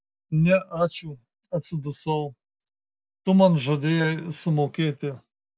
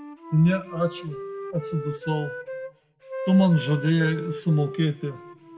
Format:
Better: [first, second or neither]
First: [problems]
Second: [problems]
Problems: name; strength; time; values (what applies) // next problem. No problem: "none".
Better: first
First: none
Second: background sound (Wind instrument, woodwind instrument); 11 dB below the speech // room echo; dies away in 0.7 s